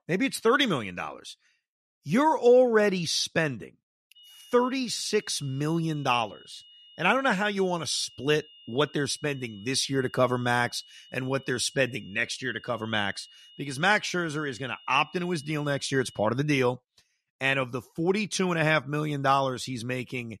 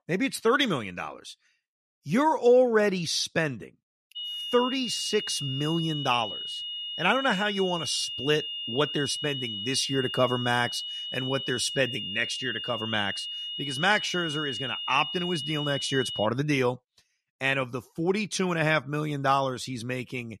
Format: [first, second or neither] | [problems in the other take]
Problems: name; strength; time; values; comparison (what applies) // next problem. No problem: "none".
first | high-pitched whine; loud; from 4 to 16 s; 3 kHz, 5 dB below the speech; faint in the first